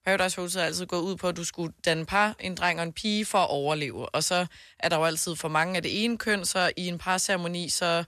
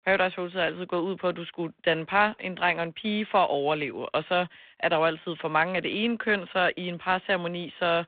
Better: first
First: none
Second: phone-call audio

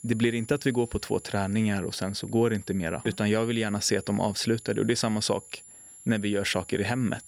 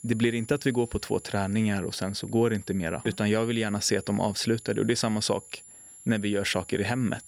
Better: neither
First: high-pitched whine; noticeable; throughout; 11 kHz, 20 dB below the speech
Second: high-pitched whine; noticeable; throughout; 11 kHz, 20 dB below the speech

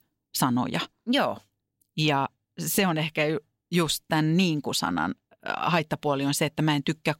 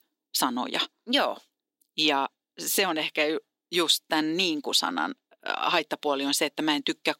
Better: first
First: none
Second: thin; very slightly; fading below 300 Hz

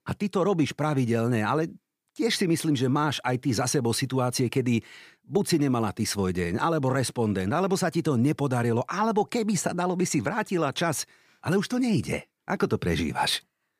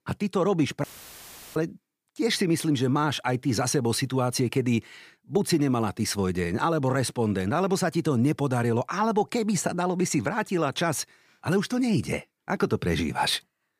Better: first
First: none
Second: audio cutting out; filled with static; at 1 s for 0.5 s

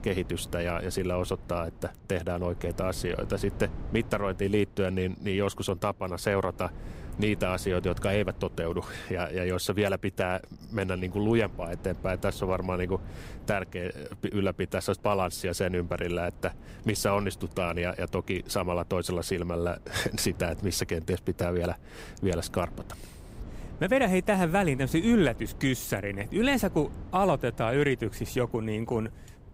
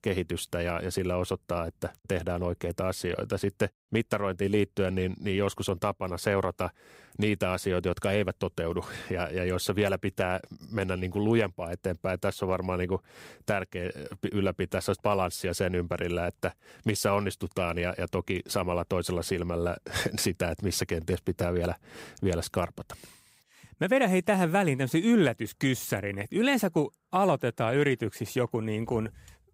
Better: second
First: low rumble; faint; throughout; 20 dB below the speech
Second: none

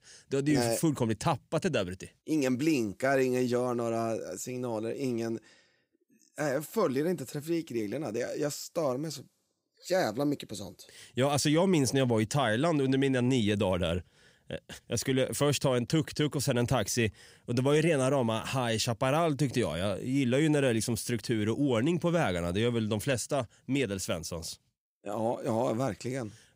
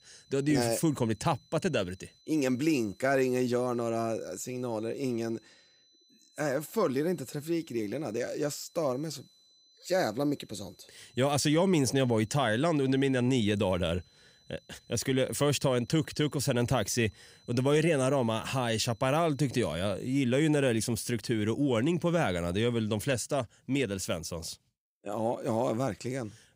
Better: first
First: none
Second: high-pitched whine; faint; until 20 s; 4 kHz, 30 dB below the speech

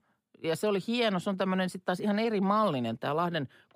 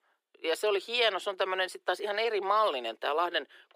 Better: first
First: none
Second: thin; very; fading below 350 Hz

